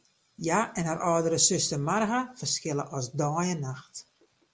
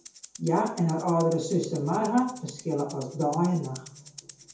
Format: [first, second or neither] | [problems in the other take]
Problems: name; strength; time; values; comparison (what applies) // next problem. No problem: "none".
first | background sound (Rattle (instrument)); 19 dB below the speech // room echo; dies away in 0.6 s